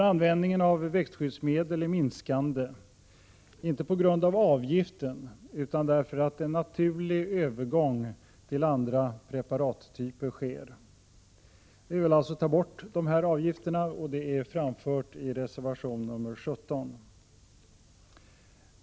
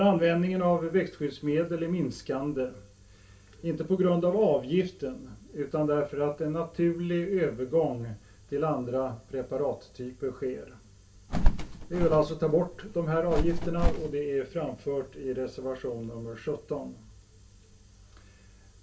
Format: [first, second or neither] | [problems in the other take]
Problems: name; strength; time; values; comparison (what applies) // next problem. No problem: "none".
first | background sound (Bird); 2 dB above the speech // room echo; dies away in 0.2 s